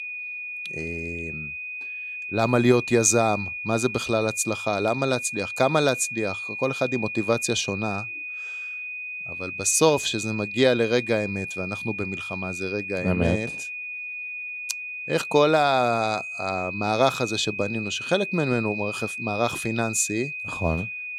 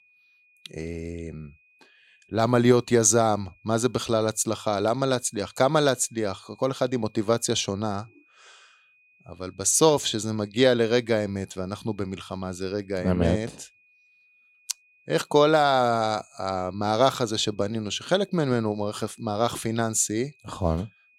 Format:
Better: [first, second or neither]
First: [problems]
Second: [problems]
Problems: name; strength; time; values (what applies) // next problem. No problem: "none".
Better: second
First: high-pitched whine; loud; throughout; 2.5 kHz, 6 dB below the speech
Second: high-pitched whine; faint; throughout; 2.5 kHz, 35 dB below the speech